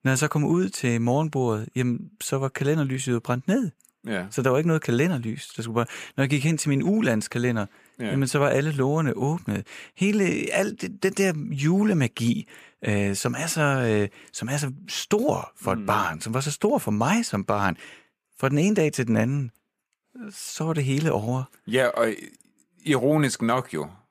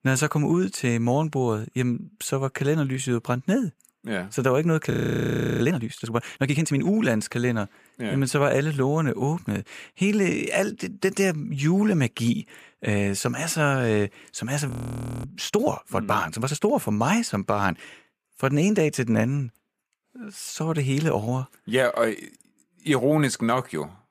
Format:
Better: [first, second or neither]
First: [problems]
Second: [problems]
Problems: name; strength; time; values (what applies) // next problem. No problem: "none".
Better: first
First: none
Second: audio freezing; at 5 s for 0.5 s and at 15 s for 0.5 s